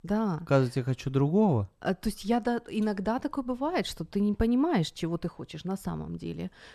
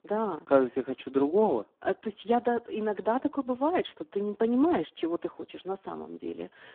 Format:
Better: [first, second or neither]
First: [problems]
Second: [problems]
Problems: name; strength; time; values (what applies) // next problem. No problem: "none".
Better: first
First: none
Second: phone-call audio; poor line